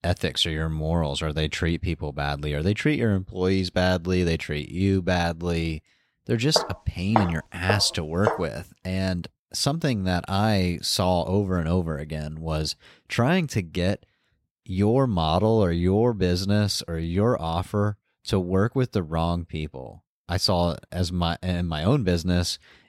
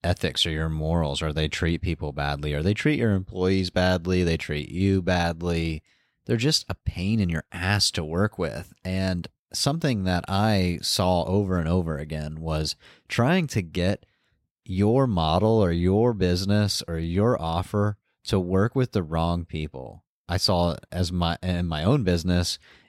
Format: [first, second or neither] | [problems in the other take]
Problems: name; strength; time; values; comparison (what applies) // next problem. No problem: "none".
second | footsteps; noticeable; from 6.5 to 8.5 s; peak 2 dB below the speech